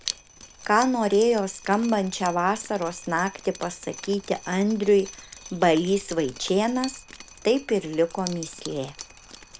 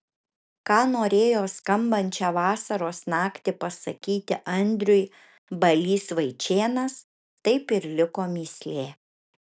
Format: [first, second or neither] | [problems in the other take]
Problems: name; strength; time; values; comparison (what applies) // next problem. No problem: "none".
second | background sound (Drip); 17 dB below the speech